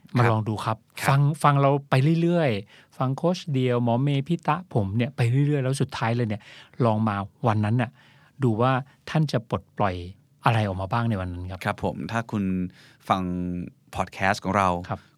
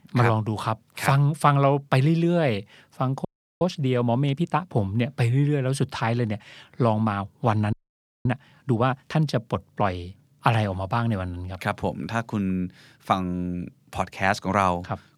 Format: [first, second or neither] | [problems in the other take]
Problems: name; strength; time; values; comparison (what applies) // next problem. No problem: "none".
first | audio freezing; at 3.5 s and at 7.5 s for 0.5 s